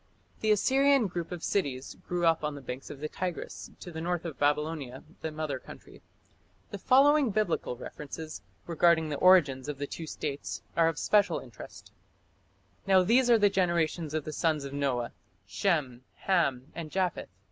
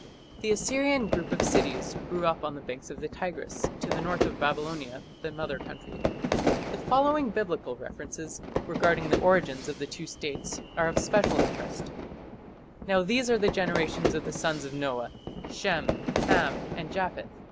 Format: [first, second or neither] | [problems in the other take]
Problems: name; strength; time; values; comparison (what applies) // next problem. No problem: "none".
first | background sound (Fire / Fireworks); 2 dB below the speech